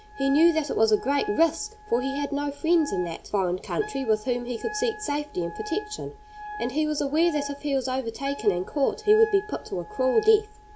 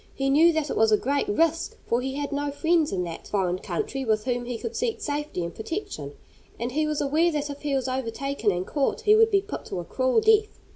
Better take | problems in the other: second | background sound (Wind instrument, woodwind instrument); 16 dB below the speech

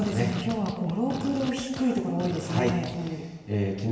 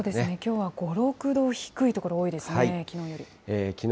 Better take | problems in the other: second | background sound (Fart); 11 dB below the speech // room echo; dies away in 1.2 s

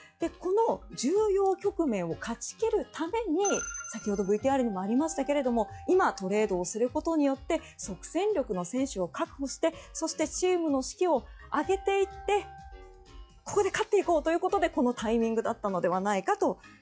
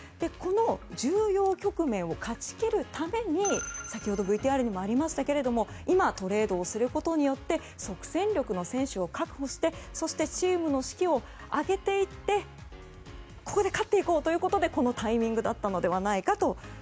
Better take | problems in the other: second | noise reduction (classical method log-MMSE)

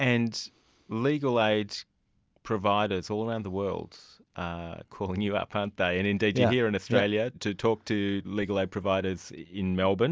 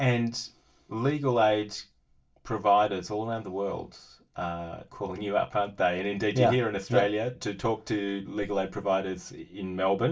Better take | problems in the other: first | room echo; dies away in 0.2 s

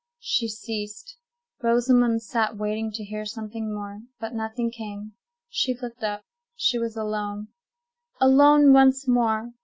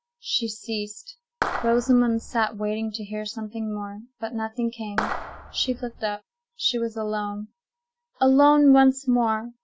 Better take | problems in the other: first | background sound (Clapping); 7 dB below the speech

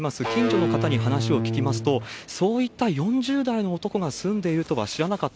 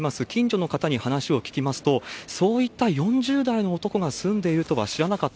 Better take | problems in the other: second | background sound (Electric guitar / Bass guitar); 1 dB below the speech

